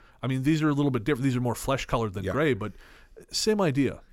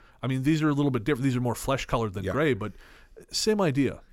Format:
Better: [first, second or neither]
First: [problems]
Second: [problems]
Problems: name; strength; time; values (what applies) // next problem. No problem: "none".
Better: neither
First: none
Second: none